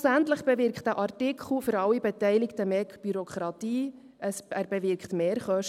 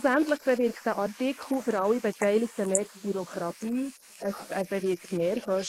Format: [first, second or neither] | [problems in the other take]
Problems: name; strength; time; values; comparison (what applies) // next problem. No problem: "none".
first | noise reduction (neural mask model Resemble Enhance denoiser)